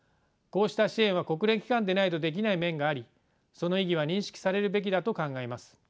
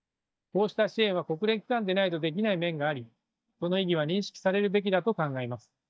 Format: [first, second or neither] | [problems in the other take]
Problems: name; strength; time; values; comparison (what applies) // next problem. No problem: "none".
first | noise reduction (neural mask model DeepFilterNet 3)